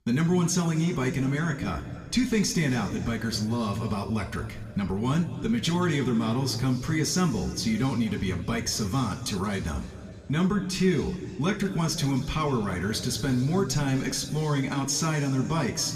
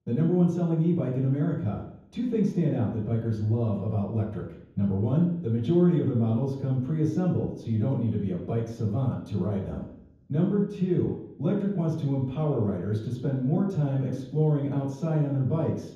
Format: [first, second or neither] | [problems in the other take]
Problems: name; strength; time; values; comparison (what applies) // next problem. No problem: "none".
first | room echo; strong; dies away in 0.9 s; slight in the first // off-mic speech; far